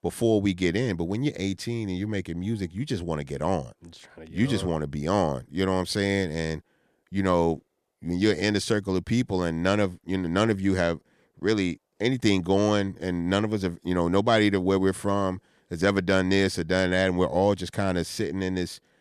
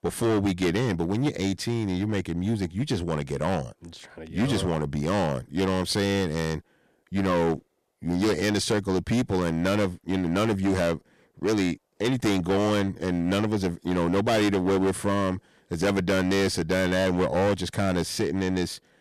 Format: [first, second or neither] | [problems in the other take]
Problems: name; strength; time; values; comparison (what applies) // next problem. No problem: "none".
first | distortion; heavy; 14% of the sound clipped